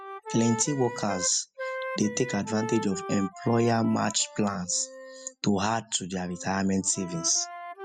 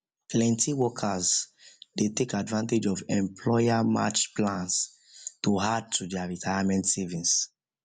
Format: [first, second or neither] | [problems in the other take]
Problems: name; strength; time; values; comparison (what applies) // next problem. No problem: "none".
second | noise reduction (classical method spectral subtraction)